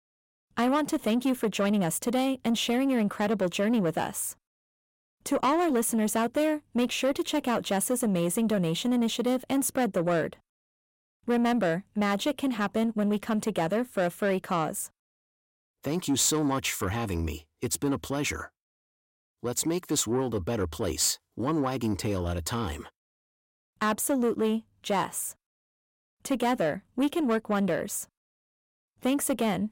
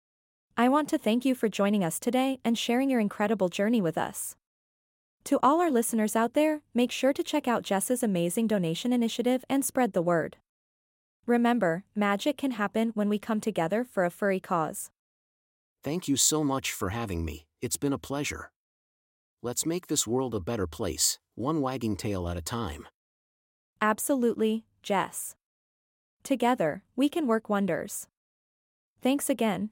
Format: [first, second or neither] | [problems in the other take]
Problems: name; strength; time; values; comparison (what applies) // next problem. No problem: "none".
second | distortion; slight; 10 dB below the speech